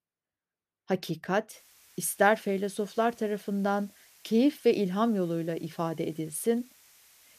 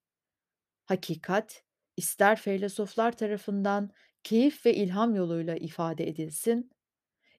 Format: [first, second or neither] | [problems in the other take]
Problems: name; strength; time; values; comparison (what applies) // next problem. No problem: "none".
second | hiss; faint; from 1.5 s on; 25 dB below the speech